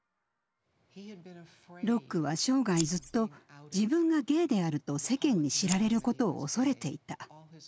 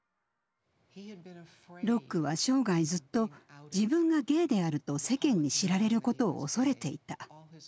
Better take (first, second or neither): second